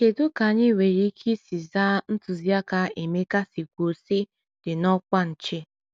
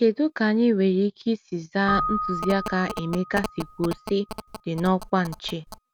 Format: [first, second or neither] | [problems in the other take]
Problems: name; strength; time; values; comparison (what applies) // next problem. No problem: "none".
first | background sound (Telephone + Keyboard (musical)); 9 dB below the speech